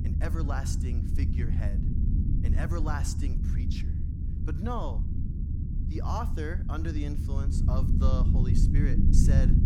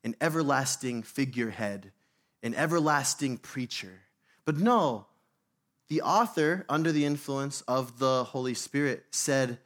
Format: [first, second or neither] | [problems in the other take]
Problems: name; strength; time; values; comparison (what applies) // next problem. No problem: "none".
second | low rumble; loud; throughout; 3 dB below the speech